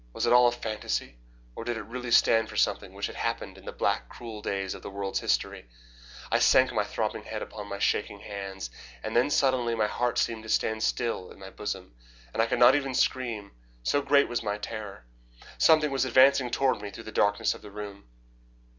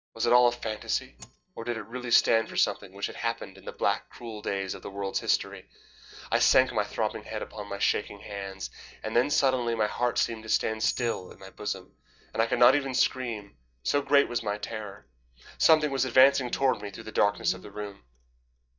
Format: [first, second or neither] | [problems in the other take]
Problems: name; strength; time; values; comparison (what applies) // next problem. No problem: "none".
first | noise reduction (neural mask model DeepFilterNet 3)